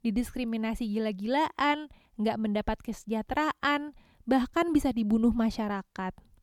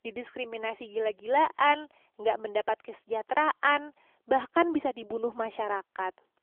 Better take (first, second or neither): first